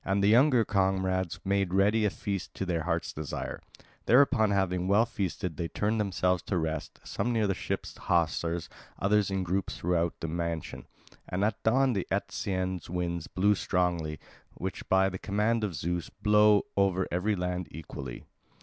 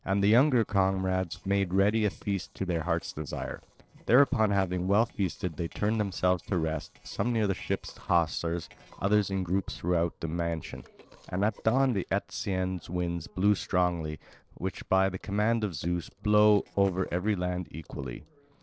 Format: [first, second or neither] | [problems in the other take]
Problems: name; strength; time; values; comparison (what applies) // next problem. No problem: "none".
first | noise reduction (neural separator model SepFormer DNS4)